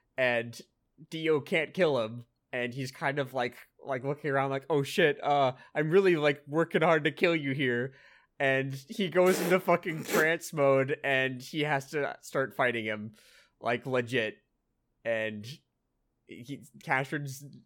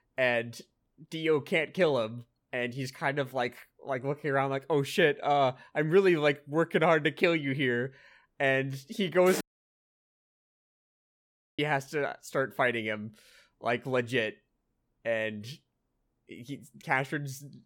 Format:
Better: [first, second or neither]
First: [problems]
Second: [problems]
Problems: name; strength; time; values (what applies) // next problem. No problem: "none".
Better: first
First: none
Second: audio cutting out; at 9.5 s for 2 s